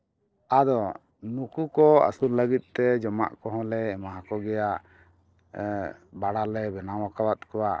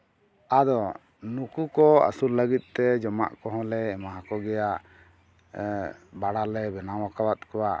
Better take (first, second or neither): second